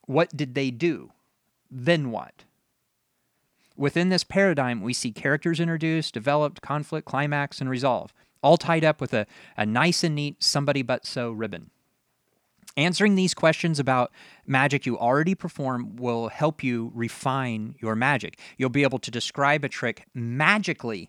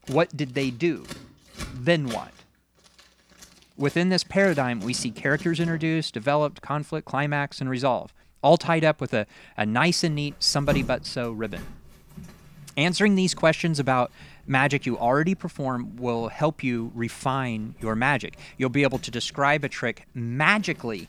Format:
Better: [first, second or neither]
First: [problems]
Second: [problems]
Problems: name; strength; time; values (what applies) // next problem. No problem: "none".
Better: first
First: none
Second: household noises; noticeable; throughout; 20 dB below the speech